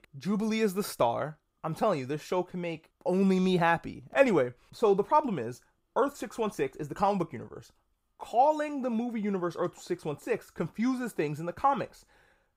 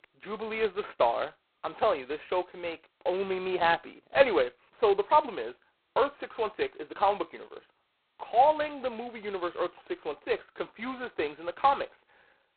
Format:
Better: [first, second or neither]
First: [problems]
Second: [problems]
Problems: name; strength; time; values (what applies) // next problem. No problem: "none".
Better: first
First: none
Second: phone-call audio; poor line; nothing above 4 kHz